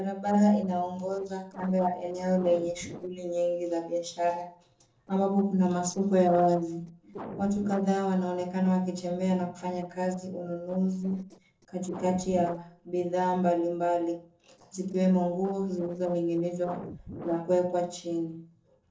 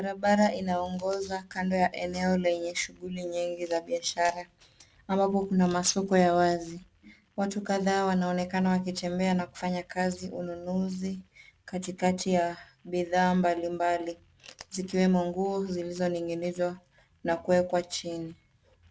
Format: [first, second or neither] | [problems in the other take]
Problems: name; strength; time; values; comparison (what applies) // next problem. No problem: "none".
second | noise reduction (neural separator model SepFormer DNS4)